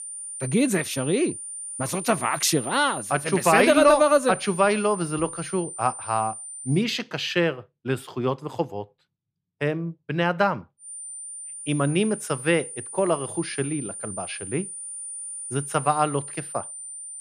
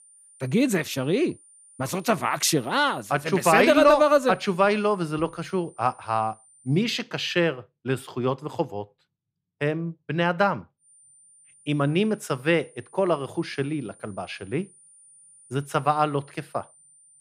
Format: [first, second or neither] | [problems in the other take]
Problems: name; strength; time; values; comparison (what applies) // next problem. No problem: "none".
second | high-pitched whine; loud; until 7 s and from 11 s on; 9 kHz, 9 dB below the speech; faint in the second